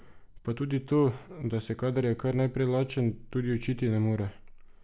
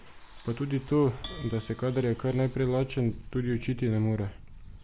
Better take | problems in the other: first | background sound (Bus + Bell); 16 dB below the speech

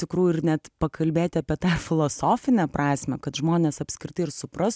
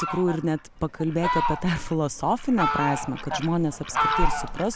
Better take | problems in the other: first | background sound (Fowl); 1 dB below the speech

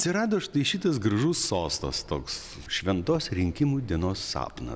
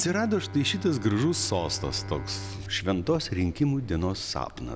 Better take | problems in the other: first | background sound (Bowed string instrument); 13 dB below the speech

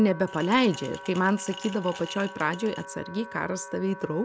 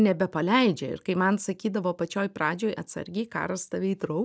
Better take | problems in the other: second | background sound (Wind instrument, woodwind instrument + Glass); 14 dB below the speech

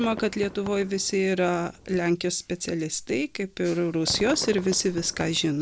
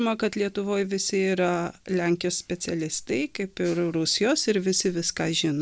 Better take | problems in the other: second | background sound (Fireworks); 16 dB below the speech

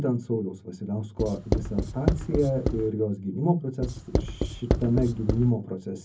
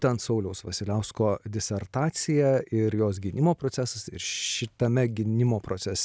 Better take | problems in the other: second | background sound (Writing); 1 dB below the speech // room echo; dies away in 0.3 s

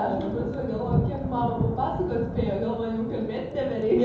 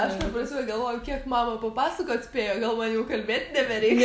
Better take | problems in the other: second | background sound (Thunder); 3 dB below the speech // room echo; dies away in 2.6 s

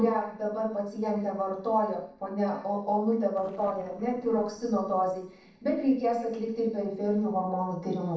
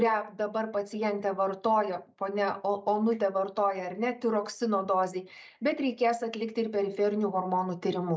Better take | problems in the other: second | noise reduction (neural separator model SepFormer DNS4)

